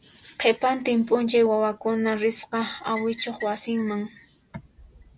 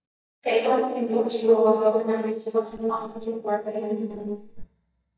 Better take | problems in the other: first | noise reduction (neural mask model DeepFilterNet 3)

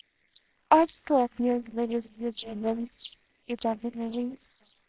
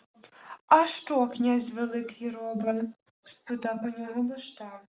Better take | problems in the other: second | noise reduction (neural separator model SepFormer WHAMR!)

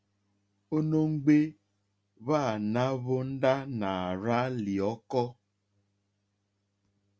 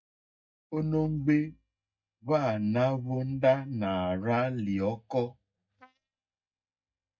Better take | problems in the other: first | noise reduction (neural mask model DeepFilterNet 3)

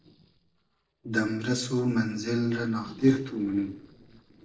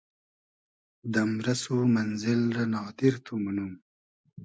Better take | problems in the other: second | noise reduction (neural separator model SepFormer DNS4)

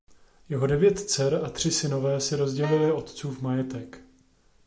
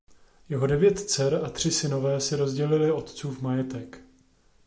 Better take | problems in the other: second | background sound (Wind instrument, woodwind instrument); 13 dB below the speech

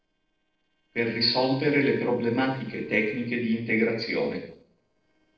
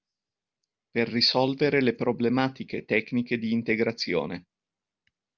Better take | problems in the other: second | noise reduction (neural separator model SepFormer DNS4)

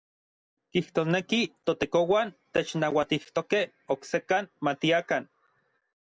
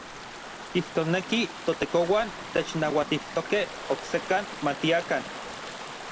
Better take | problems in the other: first | background sound (Stream / Ocean); 10 dB below the speech

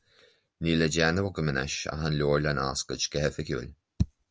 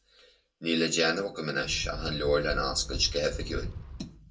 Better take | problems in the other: first | background sound (Wind); 7 dB below the speech // room echo; dies away in 0.2 s

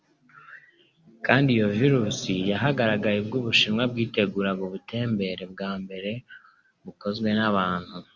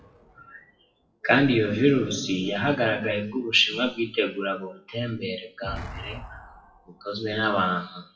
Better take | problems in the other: first | noise reduction (classical method WPE with log-MMSE)

